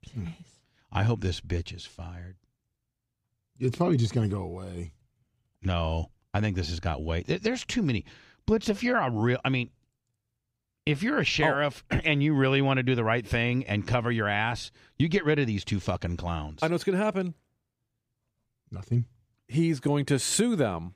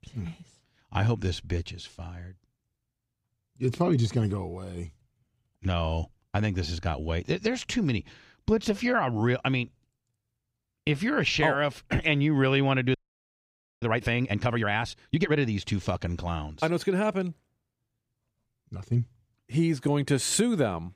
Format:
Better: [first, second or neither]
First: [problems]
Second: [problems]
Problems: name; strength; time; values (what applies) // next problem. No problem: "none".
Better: first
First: none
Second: audio freezing; at 13 s for 1 s